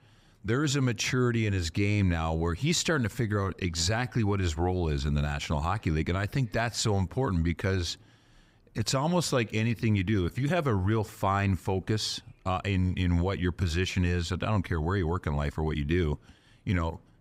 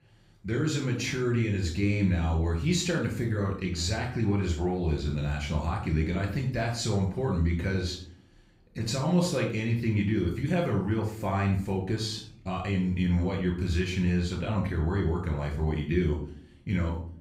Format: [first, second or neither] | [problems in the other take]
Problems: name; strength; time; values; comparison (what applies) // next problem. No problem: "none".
first | off-mic speech; far // room echo; slight; dies away in 0.4 s